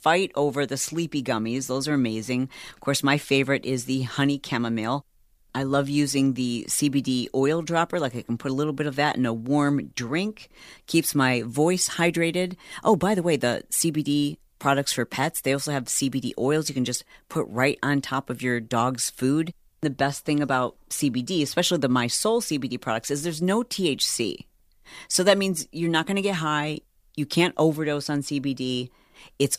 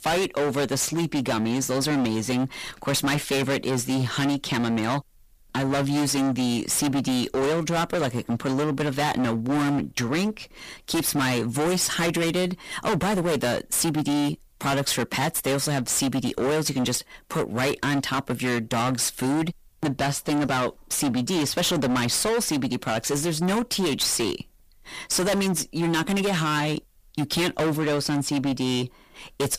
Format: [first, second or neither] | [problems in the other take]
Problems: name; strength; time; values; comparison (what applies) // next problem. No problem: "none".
first | distortion; heavy; 29% of the sound clipped